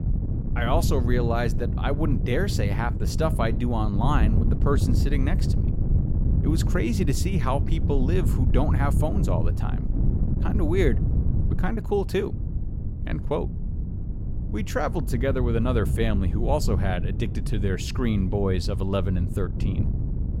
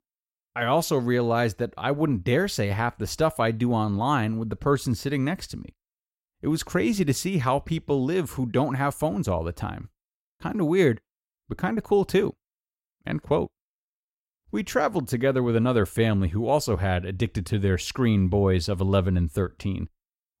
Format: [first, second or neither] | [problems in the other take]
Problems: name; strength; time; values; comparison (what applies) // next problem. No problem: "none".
second | wind noise on the microphone; heavy; 9 dB below the speech